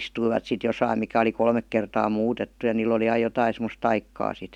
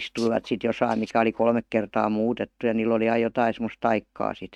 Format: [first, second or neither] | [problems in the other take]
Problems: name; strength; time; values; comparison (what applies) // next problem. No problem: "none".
first | noise reduction (neural mask model RNNoise)